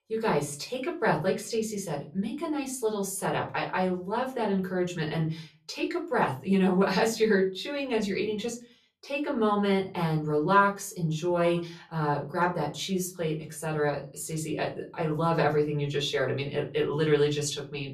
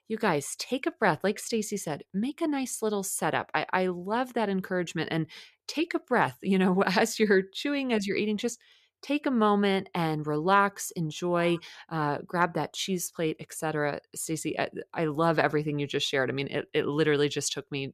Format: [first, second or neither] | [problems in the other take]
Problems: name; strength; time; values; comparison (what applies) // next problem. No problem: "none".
second | off-mic speech; far // room echo; very slight; dies away in 0.3 s